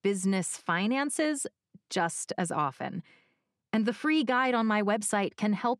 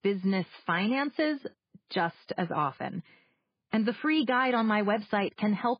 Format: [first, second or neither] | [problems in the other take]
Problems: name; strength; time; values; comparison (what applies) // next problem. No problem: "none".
first | garbled, watery; badly; nothing above 5 kHz